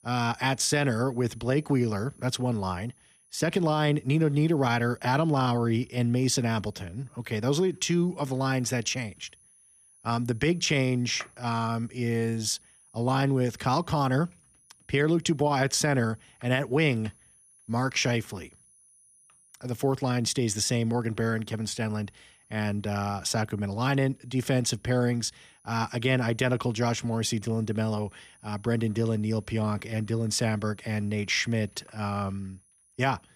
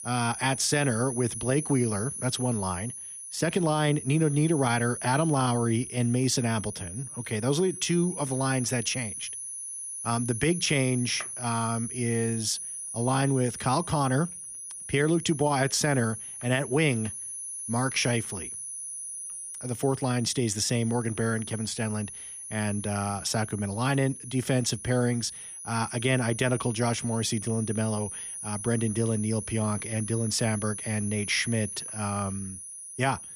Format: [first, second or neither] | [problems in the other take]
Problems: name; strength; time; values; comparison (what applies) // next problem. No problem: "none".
first | high-pitched whine; loud; throughout; 10.5 kHz, 8 dB below the speech; faint in the first